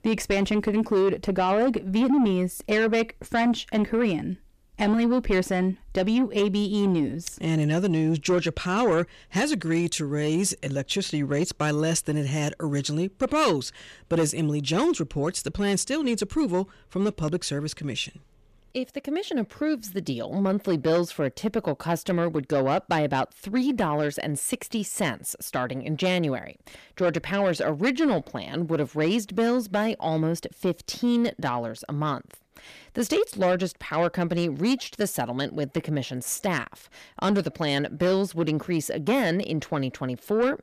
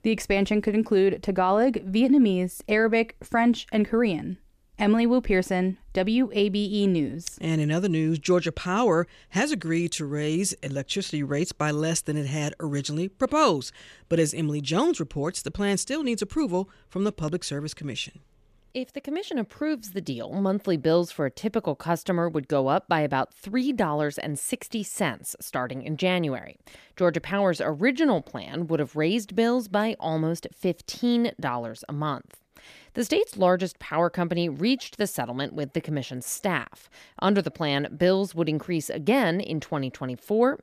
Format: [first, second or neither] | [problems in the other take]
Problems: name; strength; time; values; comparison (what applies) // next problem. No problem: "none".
second | distortion; slight; 10 dB below the speech